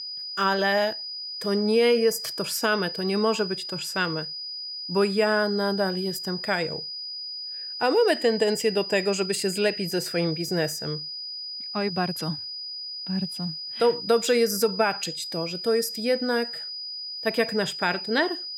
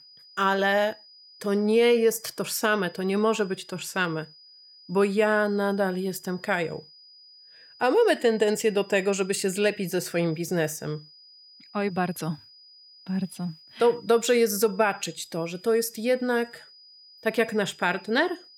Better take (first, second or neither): second